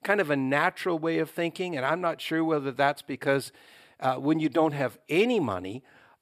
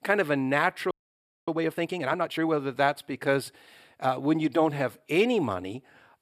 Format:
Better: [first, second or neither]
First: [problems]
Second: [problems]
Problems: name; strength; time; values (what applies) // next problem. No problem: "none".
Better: first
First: none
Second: audio freezing; at 1 s for 0.5 s